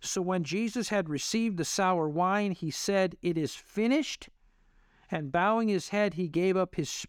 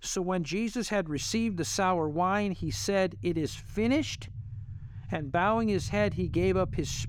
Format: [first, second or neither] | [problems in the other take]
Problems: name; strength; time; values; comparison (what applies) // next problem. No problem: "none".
first | low rumble; faint; throughout; 25 dB below the speech